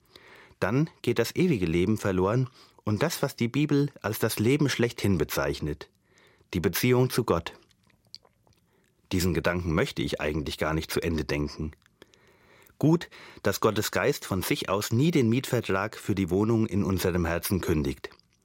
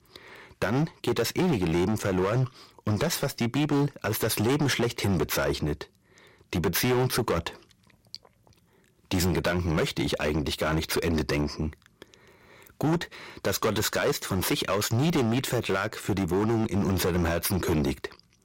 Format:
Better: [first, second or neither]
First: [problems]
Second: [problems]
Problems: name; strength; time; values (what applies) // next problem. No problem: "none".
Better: first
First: none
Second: distortion; heavy; 13% of the sound clipped